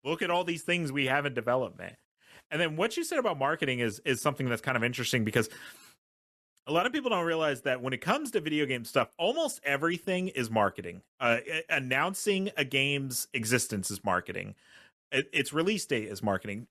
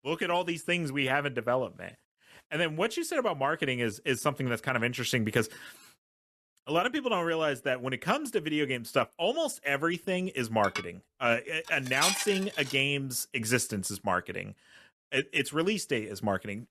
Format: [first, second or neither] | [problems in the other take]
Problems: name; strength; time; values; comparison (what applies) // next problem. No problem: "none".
first | clattering dishes; loud; from 11 to 13 s; peak 2 dB above the speech